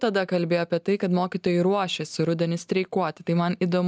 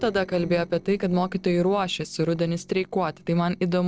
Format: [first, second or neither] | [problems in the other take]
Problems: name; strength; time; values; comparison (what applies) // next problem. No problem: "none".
first | noise reduction (neural separator model SepFormer DNS4)